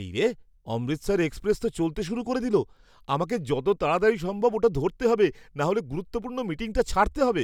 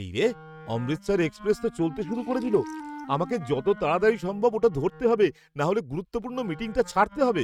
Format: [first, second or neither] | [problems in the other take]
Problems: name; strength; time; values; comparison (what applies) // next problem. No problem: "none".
first | noise reduction (neural mask model RNNoise)